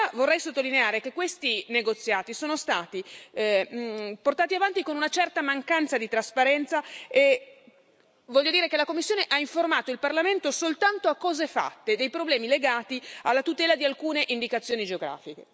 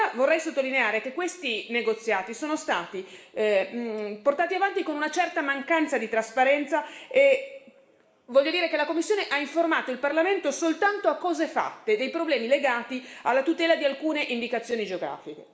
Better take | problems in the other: first | room echo; dies away in 0.7 s

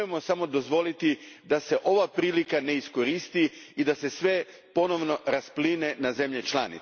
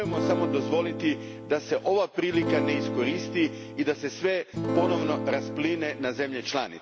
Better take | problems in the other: first | background sound (Acoustic guitar / Strum); 3 dB below the speech

